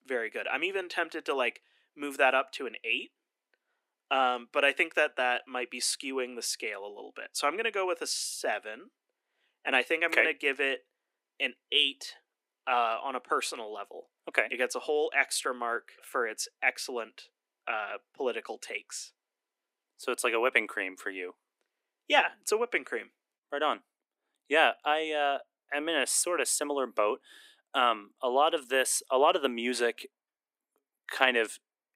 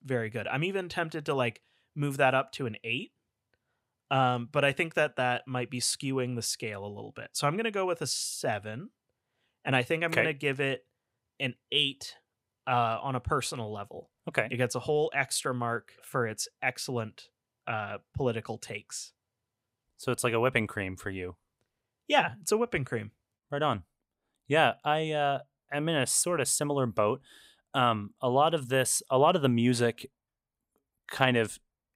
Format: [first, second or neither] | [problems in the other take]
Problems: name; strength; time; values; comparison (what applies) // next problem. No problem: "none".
second | thin; somewhat; fading below 300 Hz